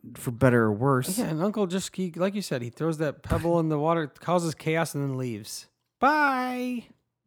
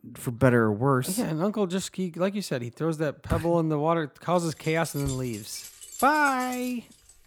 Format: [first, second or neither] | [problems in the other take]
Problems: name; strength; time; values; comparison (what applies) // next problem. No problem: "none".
first | jangling keys; faint; from 4.5 s on; peak 10 dB below the speech